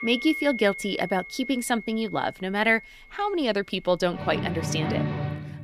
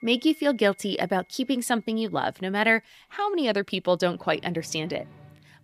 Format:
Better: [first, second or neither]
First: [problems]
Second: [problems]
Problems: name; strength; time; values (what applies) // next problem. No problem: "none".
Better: second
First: background music; loud; throughout; 7 dB below the speech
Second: background music; faint; throughout; 25 dB below the speech